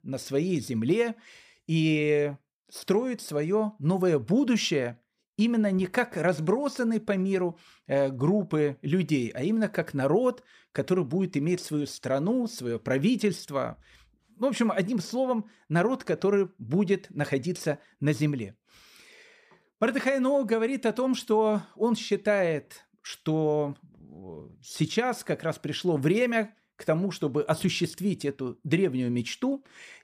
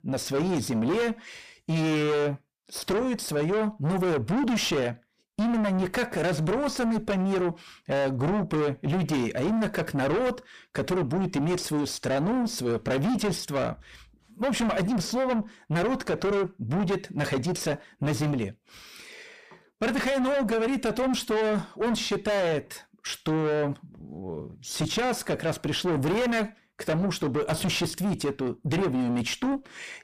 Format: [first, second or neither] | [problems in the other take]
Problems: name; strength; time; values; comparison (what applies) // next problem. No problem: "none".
first | distortion; heavy; 5 dB below the speech